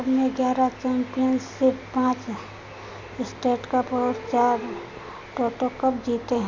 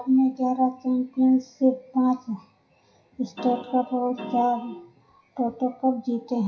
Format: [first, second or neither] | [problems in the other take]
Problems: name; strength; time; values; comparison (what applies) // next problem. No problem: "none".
first | noise reduction (classical method WPE with log-MMSE)